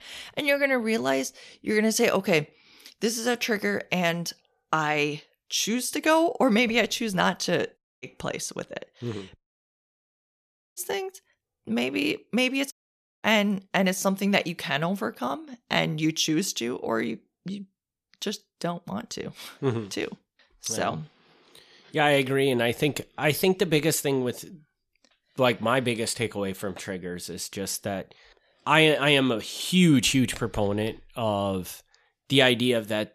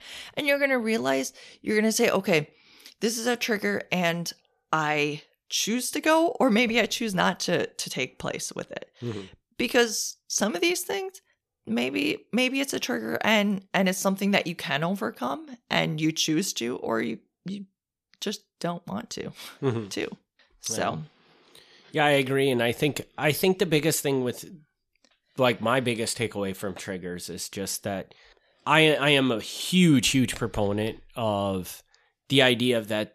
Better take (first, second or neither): second